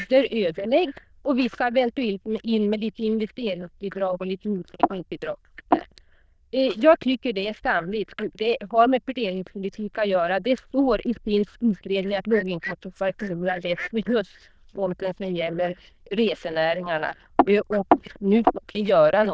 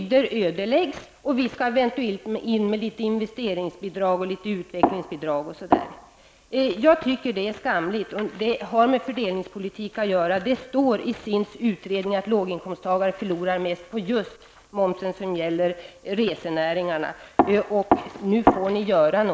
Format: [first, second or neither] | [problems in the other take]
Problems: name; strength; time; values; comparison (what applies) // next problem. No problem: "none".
second | noise reduction (neural diffusion model UNIVERSE++)